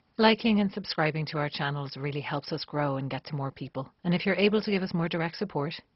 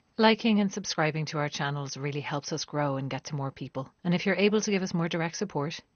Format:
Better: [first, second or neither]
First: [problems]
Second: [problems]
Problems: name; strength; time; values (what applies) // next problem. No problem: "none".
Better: second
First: garbled, watery; badly; nothing above 5.5 kHz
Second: garbled, watery; slightly; nothing above 6.5 kHz